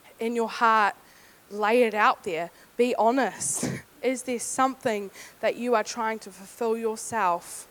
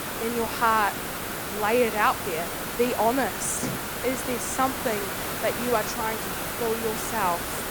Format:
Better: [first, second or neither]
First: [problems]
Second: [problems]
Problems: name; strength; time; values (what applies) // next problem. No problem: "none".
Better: first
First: hiss; faint; throughout; 30 dB below the speech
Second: hiss; loud; throughout; 3 dB below the speech